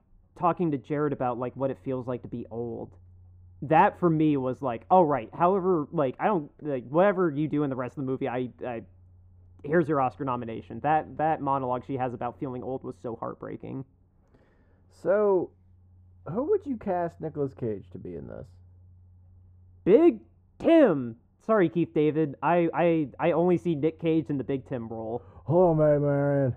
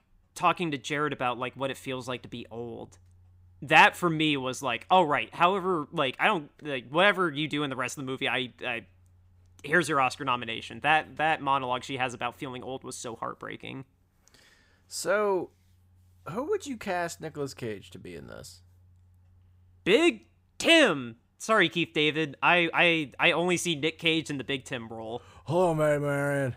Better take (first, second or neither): second